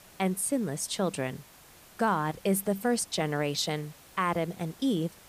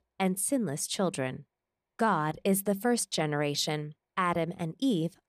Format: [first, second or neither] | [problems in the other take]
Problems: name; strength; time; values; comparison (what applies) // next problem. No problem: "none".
second | hiss; faint; throughout; 20 dB below the speech